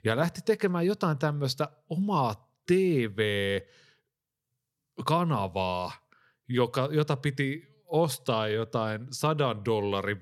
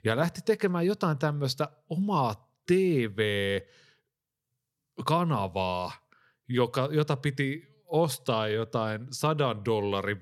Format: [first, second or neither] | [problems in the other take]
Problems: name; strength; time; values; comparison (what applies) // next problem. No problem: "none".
neither | none